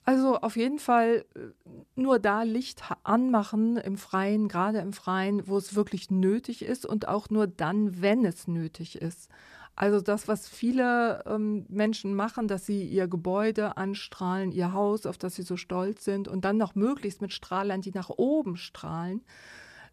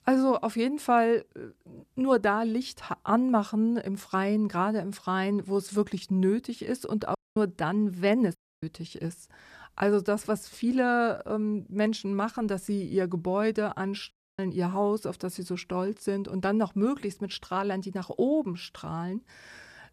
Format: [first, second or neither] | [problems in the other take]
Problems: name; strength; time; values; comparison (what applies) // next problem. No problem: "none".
first | audio cutting out; at 7 s, at 8.5 s and at 14 s